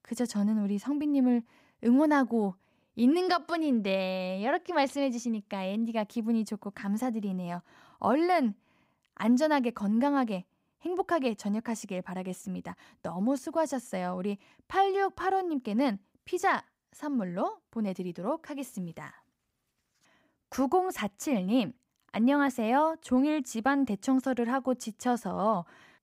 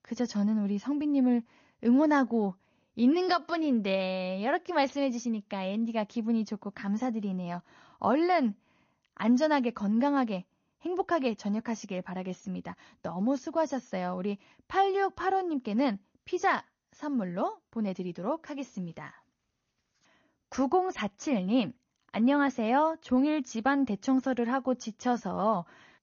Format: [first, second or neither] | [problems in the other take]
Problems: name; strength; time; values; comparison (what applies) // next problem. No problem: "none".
first | garbled, watery; slightly; nothing above 6.5 kHz